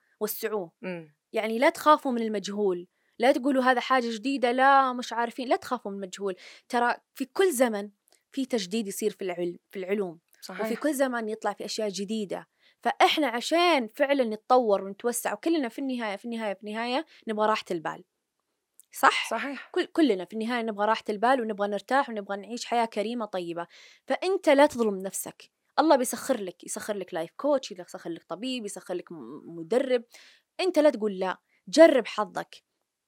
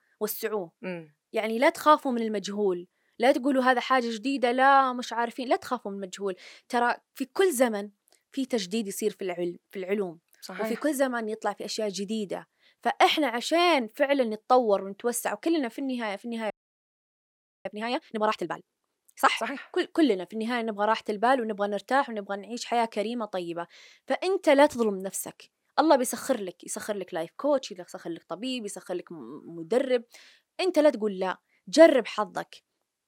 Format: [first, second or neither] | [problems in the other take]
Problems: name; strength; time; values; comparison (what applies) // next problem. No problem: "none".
first | audio freezing; at 17 s for 1 s